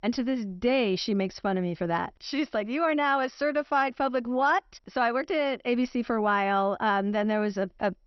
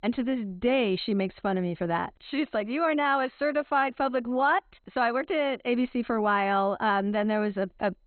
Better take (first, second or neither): first